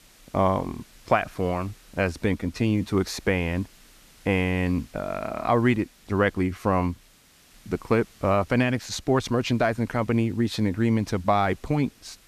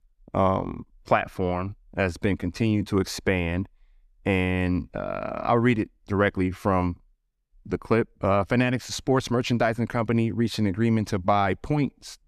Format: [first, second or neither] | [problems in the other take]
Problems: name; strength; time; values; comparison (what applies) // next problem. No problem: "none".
second | hiss; faint; throughout; 30 dB below the speech